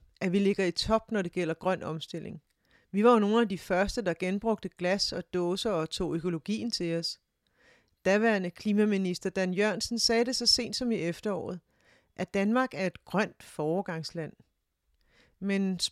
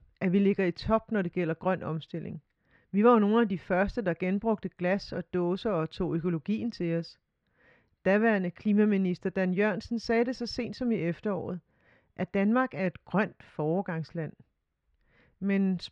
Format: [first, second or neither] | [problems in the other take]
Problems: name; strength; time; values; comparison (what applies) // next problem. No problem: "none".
first | muffled; very; fading above 2 kHz